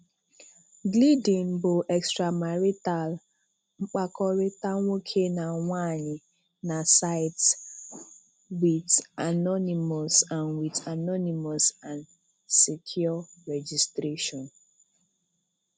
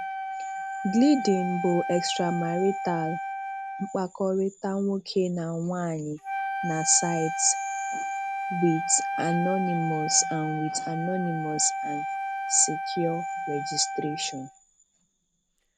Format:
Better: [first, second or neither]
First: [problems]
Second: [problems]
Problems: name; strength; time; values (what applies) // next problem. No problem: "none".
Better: first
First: none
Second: background sound (Wind instrument, woodwind instrument); 4 dB below the speech